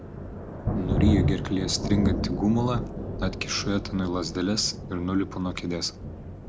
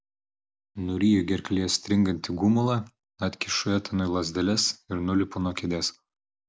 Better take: second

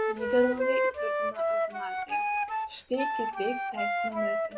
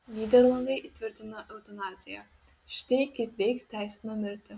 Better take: second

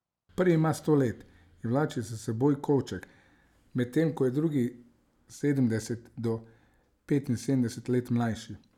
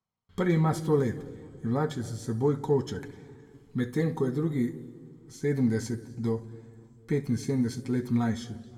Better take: first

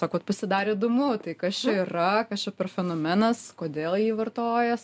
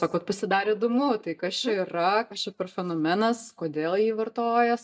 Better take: first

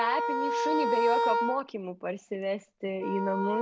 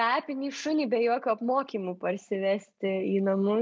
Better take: second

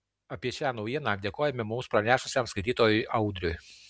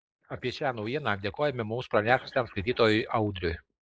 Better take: first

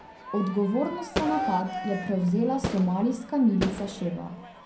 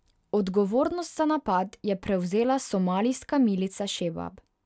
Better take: second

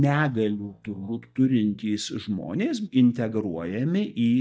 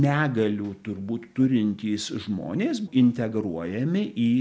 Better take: second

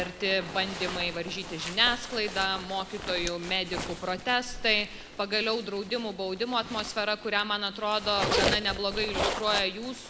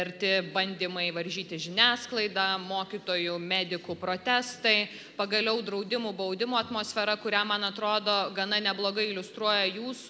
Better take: second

